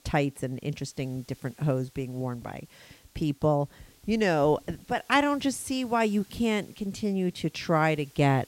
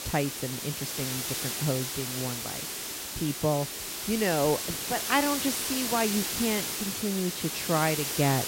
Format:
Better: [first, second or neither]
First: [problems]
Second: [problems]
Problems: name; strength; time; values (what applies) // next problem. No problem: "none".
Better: first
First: hiss; faint; throughout; 30 dB below the speech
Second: hiss; loud; throughout; 1 dB below the speech